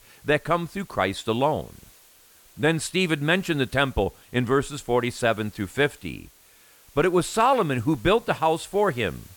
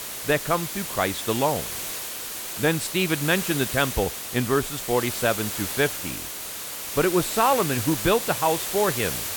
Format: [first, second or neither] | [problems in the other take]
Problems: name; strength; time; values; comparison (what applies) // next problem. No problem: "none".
first | hiss; loud; throughout; 4 dB below the speech; faint in the first